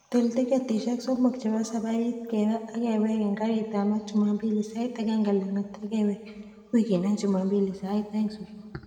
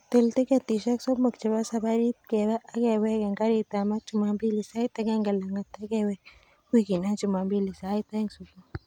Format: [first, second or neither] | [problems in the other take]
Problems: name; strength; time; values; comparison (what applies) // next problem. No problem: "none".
second | room echo; dies away in 1.8 s